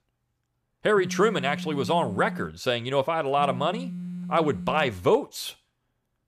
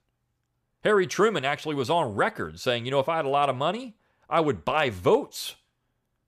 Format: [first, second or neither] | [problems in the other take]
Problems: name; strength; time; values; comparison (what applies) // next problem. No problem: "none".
second | phone ringing; noticeable; from 1 to 5 s; peak 9 dB below the speech